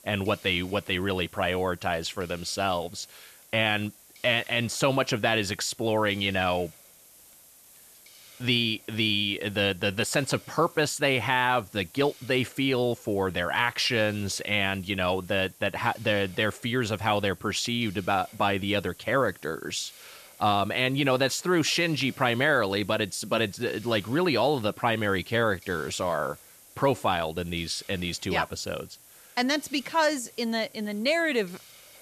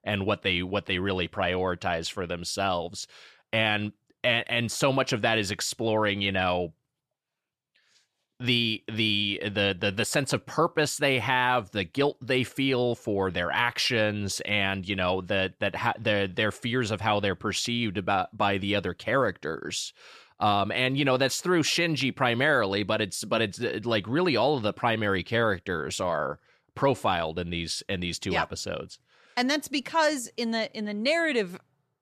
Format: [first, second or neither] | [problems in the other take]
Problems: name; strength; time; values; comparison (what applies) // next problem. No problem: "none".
second | hiss; faint; throughout; 25 dB below the speech